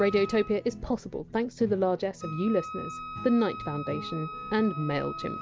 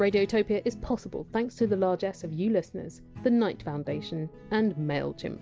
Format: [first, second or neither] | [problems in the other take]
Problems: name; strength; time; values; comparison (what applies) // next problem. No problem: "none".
second | background sound (Wind instrument, woodwind instrument); 12 dB below the speech